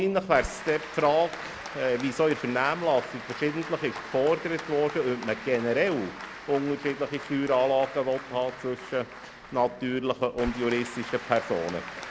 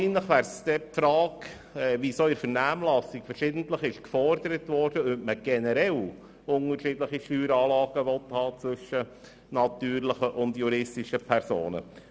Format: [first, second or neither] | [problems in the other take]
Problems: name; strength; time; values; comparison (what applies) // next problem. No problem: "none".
second | background sound (Applause); 13 dB below the speech